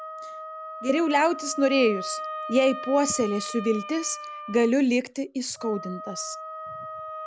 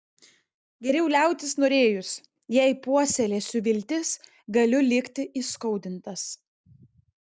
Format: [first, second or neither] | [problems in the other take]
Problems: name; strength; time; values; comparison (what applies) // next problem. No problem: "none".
second | background sound (Wind instrument, woodwind instrument); 11 dB below the speech